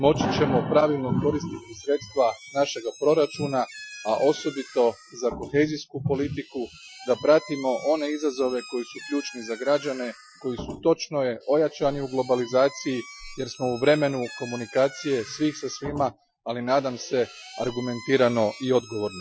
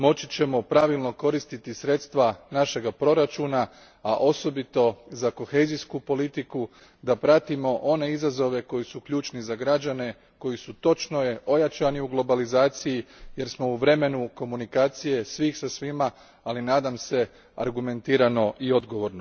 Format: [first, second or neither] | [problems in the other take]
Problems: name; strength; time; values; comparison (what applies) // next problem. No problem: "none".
second | noise reduction (classical method Wiener filter)